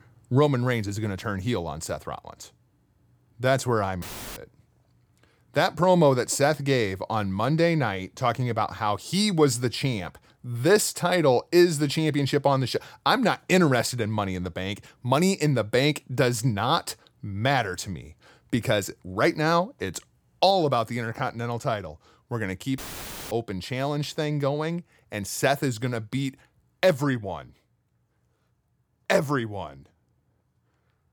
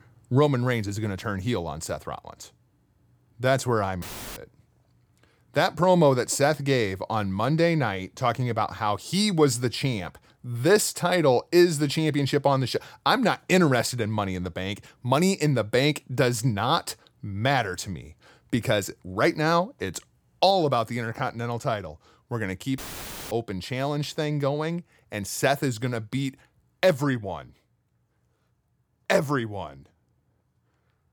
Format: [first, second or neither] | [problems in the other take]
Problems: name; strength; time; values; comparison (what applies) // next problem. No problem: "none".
neither | audio cutting out; filled with static; at 4 s and at 23 s for 0.5 s; the same in both